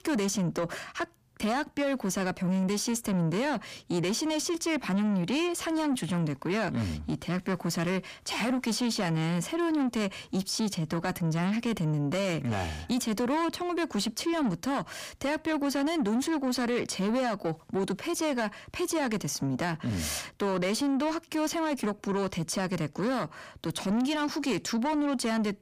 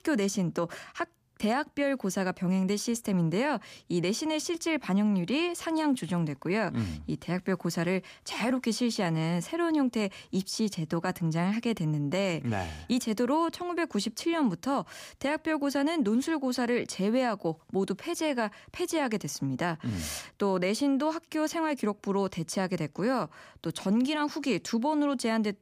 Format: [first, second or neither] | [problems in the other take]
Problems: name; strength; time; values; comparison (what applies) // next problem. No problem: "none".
second | distortion; slight; 10 dB below the speech